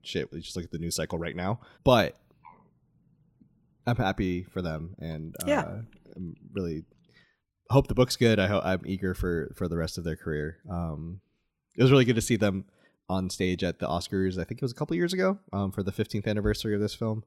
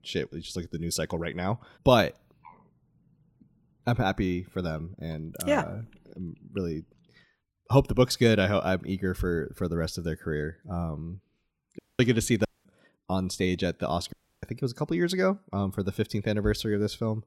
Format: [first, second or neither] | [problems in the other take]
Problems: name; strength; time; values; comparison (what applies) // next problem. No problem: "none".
first | audio cutting out; at 12 s and at 14 s